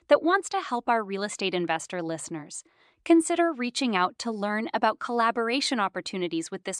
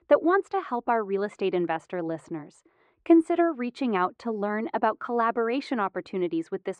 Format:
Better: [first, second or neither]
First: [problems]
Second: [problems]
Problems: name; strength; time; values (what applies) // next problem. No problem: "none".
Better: first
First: none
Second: muffled; very; fading above 3 kHz